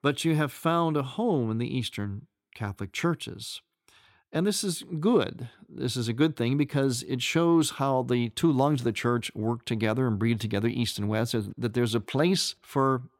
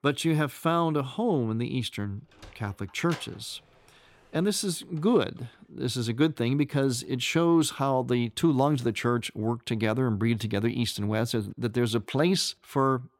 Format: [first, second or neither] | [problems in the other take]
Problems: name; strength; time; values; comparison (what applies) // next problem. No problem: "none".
first | door banging; faint; from 2.5 to 5 s; peak 15 dB below the speech